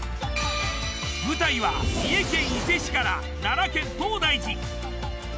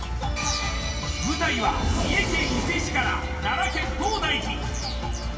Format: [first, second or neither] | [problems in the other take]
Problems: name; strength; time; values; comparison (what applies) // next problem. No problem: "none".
first | background sound (Bird vocalization, bird call, bird song); 15 dB below the speech // room echo; dies away in 2.4 s